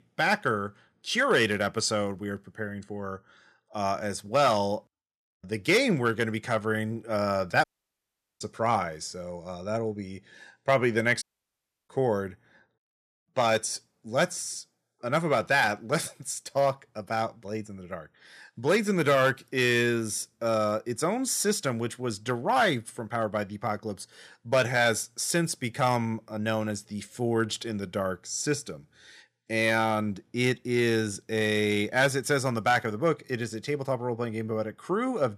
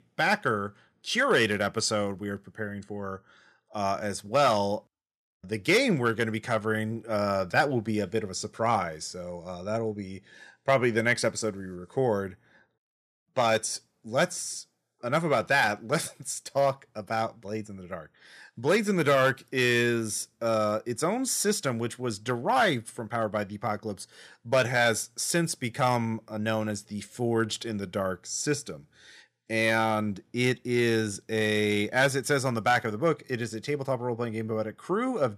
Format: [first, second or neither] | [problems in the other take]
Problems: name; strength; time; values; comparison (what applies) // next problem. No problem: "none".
second | audio cutting out; at 7.5 s for 1 s and at 11 s for 0.5 s